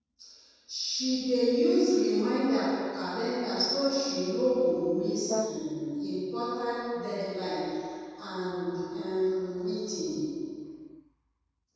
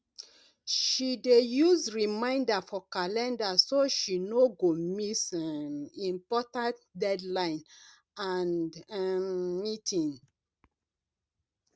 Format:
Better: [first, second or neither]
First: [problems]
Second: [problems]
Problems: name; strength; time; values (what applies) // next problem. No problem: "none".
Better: second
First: background sound (Brass instrument); 9 dB below the speech // room echo; dies away in 2.1 s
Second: none